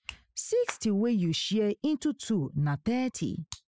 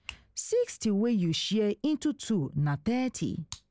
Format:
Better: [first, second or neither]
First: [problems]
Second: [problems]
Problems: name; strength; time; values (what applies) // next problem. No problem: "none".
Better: second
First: noise reduction (classical method spectral subtraction)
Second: none